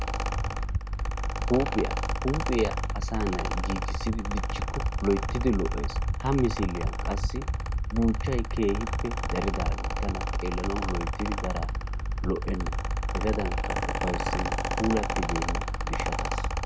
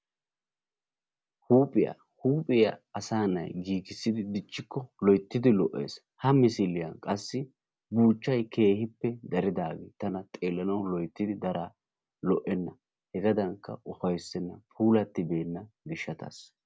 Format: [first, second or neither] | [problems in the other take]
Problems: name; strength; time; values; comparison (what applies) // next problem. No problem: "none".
second | background sound (Mechanical fan); 3 dB above the speech